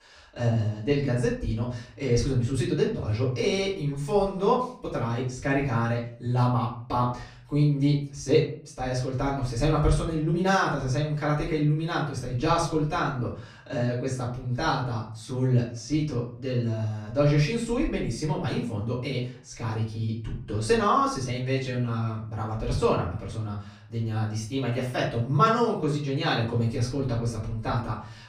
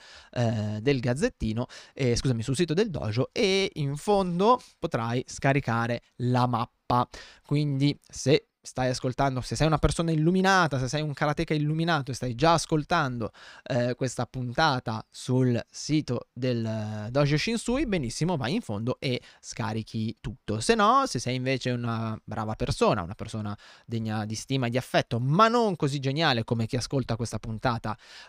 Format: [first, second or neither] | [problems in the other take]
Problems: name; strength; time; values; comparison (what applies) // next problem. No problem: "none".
second | off-mic speech; far // room echo; noticeable; dies away in 0.4 s